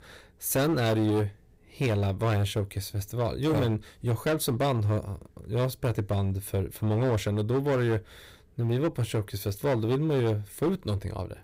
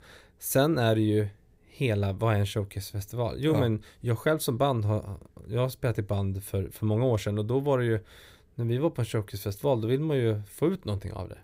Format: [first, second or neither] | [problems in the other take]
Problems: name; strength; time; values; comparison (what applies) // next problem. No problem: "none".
second | distortion; slight; 11% of the sound clipped